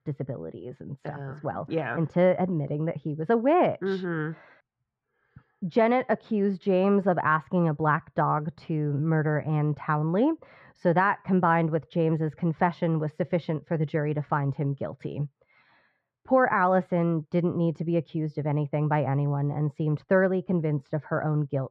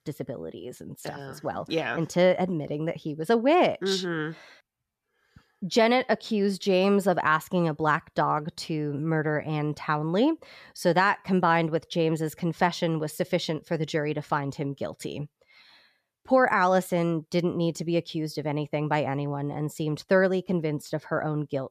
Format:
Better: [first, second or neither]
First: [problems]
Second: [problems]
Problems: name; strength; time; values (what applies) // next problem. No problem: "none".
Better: second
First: muffled; very; fading above 1.5 kHz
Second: none